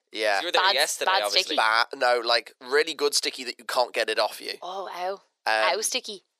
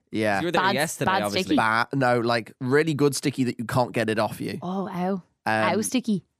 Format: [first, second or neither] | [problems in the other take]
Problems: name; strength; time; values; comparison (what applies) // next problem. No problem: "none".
second | thin; very; fading below 450 Hz